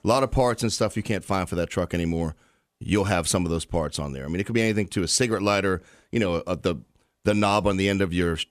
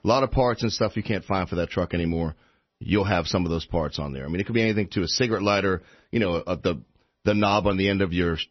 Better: first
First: none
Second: garbled, watery; slightly; nothing above 6 kHz

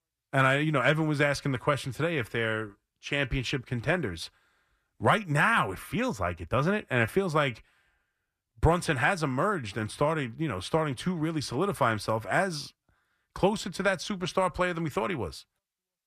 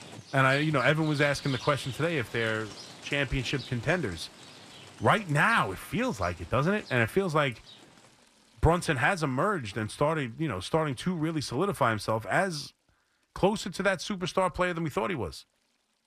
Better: first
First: none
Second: rain or running water; noticeable; throughout; 15 dB below the speech

